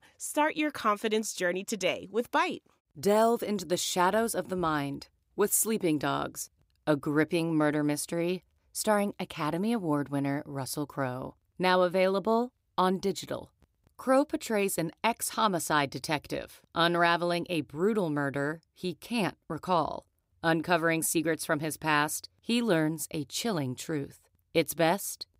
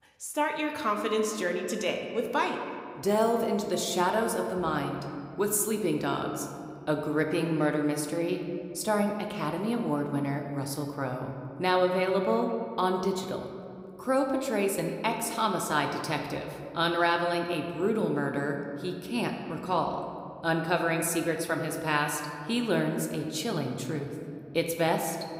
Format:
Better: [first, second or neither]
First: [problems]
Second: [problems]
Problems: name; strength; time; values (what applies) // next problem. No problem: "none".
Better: first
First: none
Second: room echo; slight; dies away in 2 s